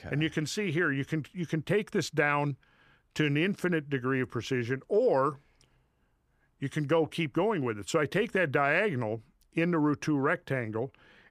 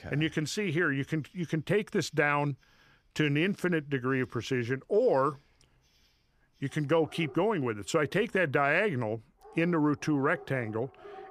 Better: first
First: none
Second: animal sounds; faint; throughout; 25 dB below the speech

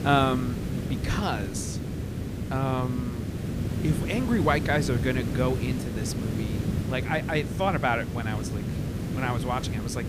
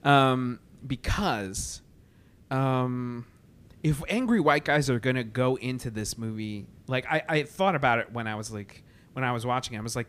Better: second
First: hiss; loud; throughout; 2 dB below the speech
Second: hiss; faint; throughout; 30 dB below the speech

